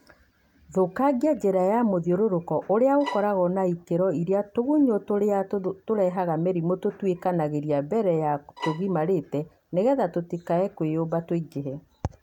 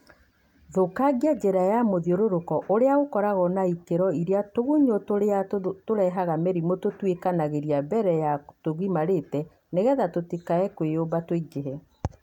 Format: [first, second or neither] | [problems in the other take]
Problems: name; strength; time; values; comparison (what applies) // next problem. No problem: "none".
second | background sound (Bowed string instrument); 12 dB below the speech